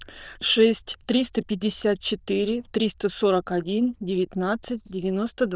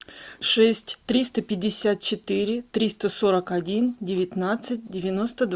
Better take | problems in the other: second | noise reduction (neural diffusion model UNIVERSE++)

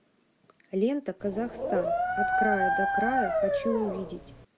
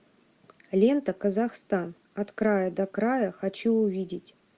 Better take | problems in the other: second | background sound (Dog); 4 dB above the speech

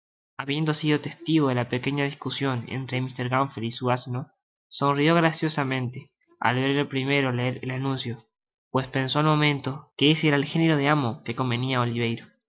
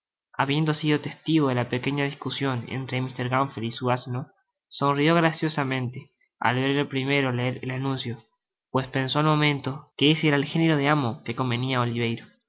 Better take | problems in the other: second | noise reduction (neural mask model DeepFilterNet 3)

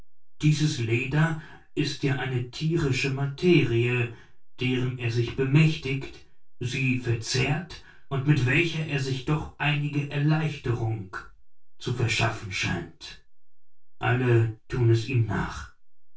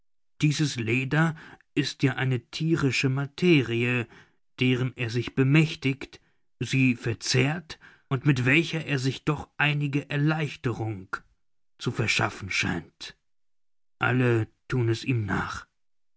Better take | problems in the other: second | room echo; dies away in 0.2 s

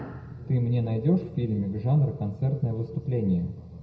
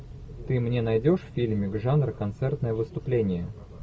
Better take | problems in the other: second | room echo; dies away in 0.7 s

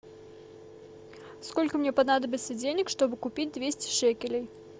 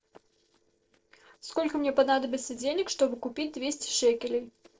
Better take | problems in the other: first | noise reduction (neural separator model SepFormer DNS4)

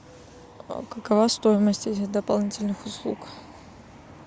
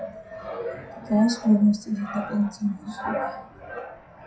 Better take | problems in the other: first | noise reduction (classical method WPE with log-MMSE)

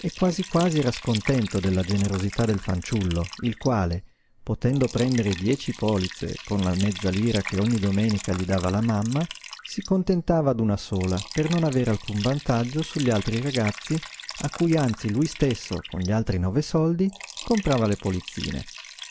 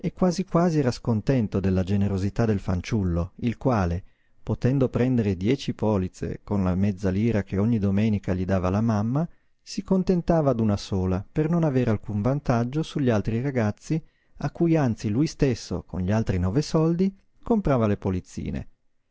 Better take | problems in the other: second | background sound (Liquid); 15 dB below the speech

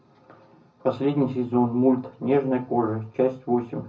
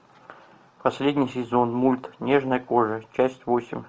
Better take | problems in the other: second | room echo; dies away in 0.4 s

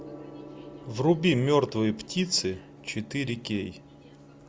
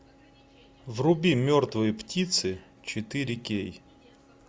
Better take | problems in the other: second | background sound (Gong); 18 dB below the speech

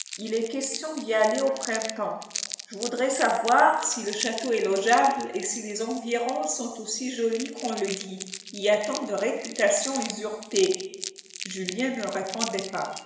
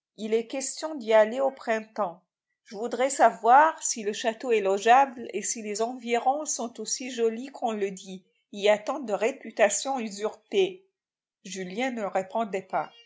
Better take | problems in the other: second | background sound (Crumpling, crinkling); 12 dB below the speech // room echo; dies away in 1.3 s

